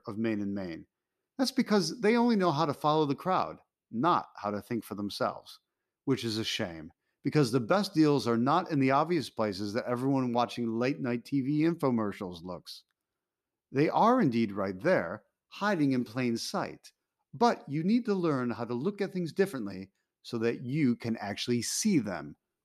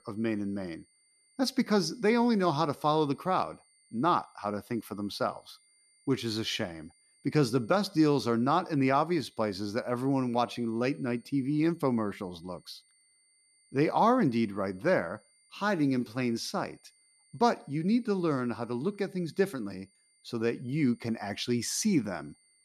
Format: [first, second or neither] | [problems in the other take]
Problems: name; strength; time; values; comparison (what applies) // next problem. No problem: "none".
first | high-pitched whine; faint; throughout; 9 kHz, 35 dB below the speech